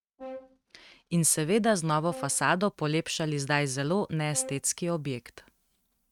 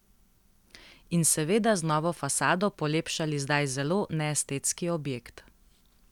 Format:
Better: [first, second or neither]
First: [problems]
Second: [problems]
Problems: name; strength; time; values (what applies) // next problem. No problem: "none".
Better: second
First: noise reduction (neural mask model RNNoise)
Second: none